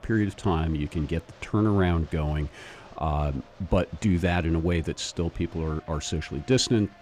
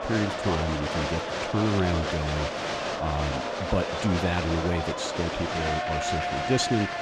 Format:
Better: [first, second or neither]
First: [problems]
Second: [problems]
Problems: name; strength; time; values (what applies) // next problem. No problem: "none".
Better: first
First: crowd noise; faint; throughout; 25 dB below the speech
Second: crowd noise; loud; throughout; 1 dB below the speech